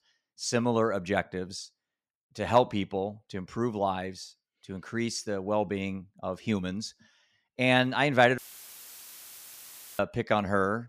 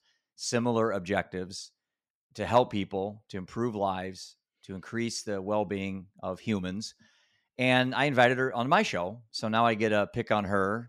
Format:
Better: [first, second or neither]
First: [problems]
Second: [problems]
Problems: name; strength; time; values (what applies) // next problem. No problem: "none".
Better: second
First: audio cutting out; filled with static; at 8.5 s for 1.5 s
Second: none